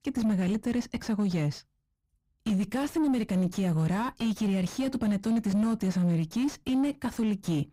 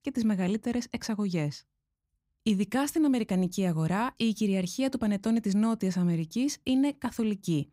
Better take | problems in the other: second | distortion; slight; 10 dB below the speech

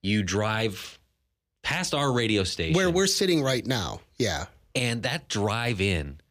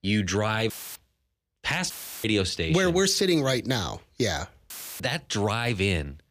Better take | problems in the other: first | audio cutting out; filled with static; at 0.5 s, at 2 s and at 4.5 s

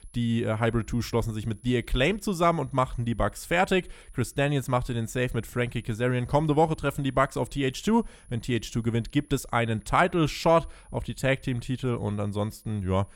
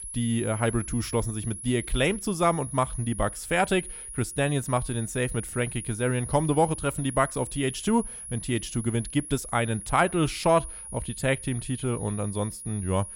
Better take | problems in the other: first | high-pitched whine; loud; throughout; 10.5 kHz, 9 dB below the speech; faint in the first

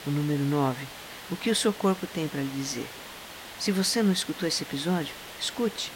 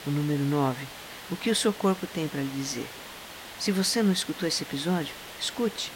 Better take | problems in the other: neither | hiss; noticeable; throughout; 15 dB below the speech; the same in both

